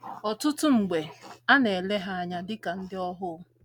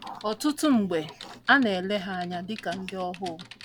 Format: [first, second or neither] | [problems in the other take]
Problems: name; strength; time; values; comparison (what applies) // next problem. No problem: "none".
first | background sound (Typing); 19 dB below the speech